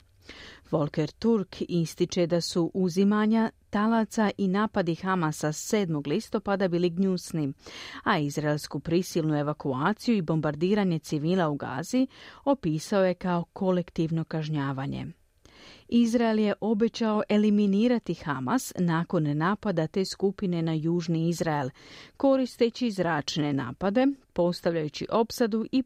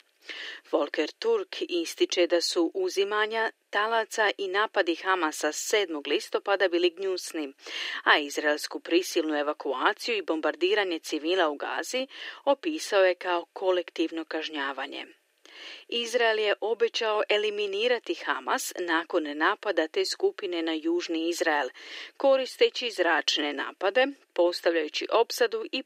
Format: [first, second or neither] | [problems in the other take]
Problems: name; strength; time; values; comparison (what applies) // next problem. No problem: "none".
first | thin; very; fading below 300 Hz